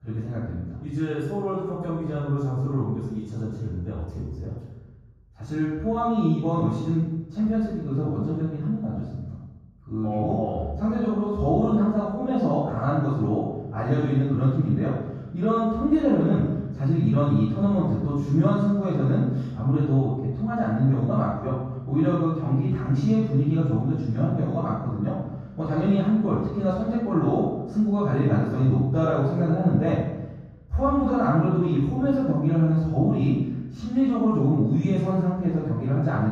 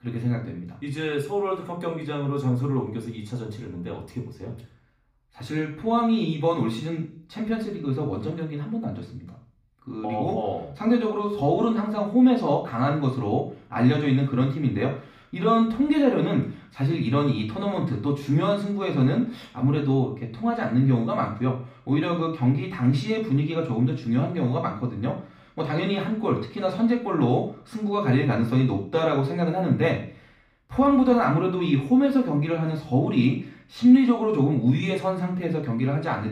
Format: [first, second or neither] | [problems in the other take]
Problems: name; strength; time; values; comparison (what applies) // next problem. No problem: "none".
second | room echo; strong; dies away in 1.3 s; slight in the second // off-mic speech; far; far in the second